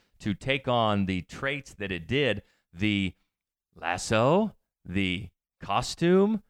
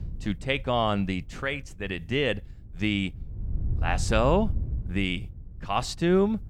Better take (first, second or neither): first